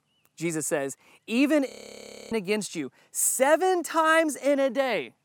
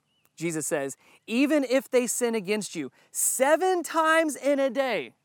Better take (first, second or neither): second